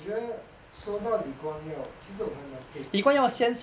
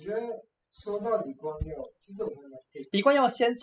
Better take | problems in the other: first | noise reduction (classical method spectral subtraction)

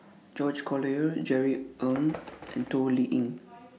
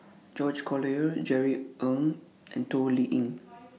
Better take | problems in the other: second | background sound (Bird); 18 dB below the speech

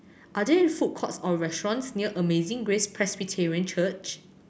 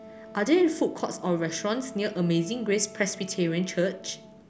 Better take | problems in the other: first | background sound (Wind instrument, woodwind instrument); 19 dB below the speech

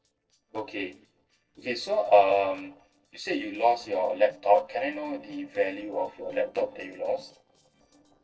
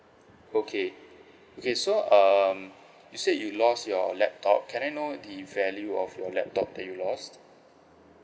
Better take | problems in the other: second | noise reduction (neural separator model SepFormer DNS4)

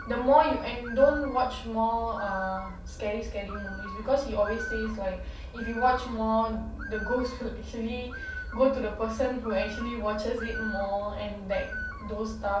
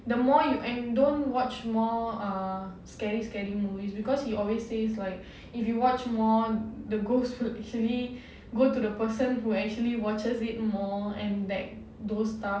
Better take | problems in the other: second | background sound (Bird); 13 dB below the speech // room echo; dies away in 0.2 s

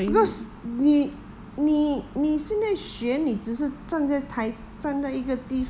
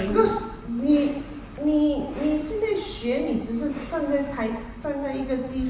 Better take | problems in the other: first | background sound (Cough); 19 dB below the speech // room echo; dies away in 1 s

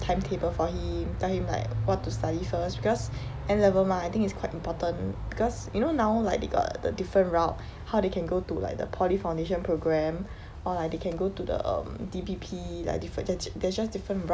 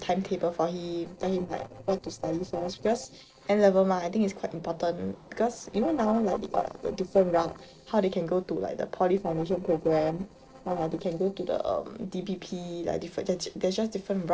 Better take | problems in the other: first | noise reduction (neural separator model SepFormer DNS4)

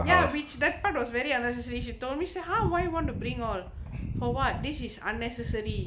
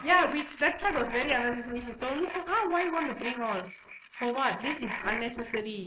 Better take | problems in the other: first | noise reduction (neural mask model Resemble Enhance denoiser)

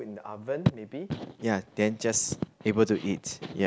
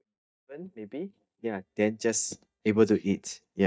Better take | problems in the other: first | noise reduction (neural mask model DeepFilterNet 3)

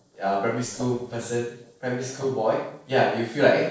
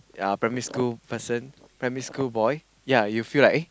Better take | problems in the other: second | noise reduction (neural separator model SepFormer DNS4)

